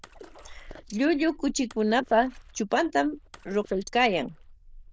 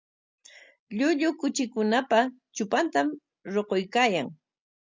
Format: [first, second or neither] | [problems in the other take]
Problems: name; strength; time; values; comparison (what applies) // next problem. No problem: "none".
second | noise reduction (neural diffusion model UNIVERSE++)